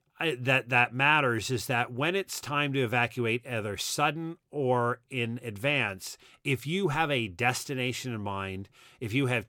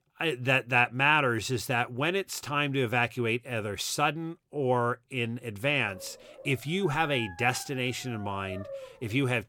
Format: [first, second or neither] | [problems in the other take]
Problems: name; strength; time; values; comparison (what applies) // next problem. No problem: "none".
first | dog barking; faint; from 6 s on; peak 15 dB below the speech